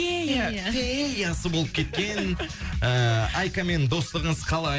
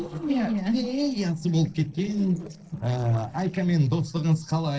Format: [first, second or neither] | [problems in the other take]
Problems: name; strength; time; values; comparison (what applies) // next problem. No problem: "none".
first | noise reduction (neural separator model SepFormer DNS4)